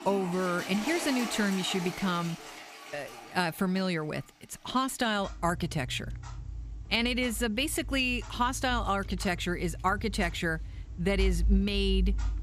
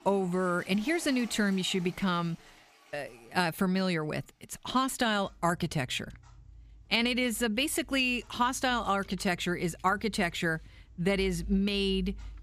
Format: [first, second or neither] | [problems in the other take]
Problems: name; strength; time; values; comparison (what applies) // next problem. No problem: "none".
second | household noises; loud; throughout; 7 dB below the speech; faint in the second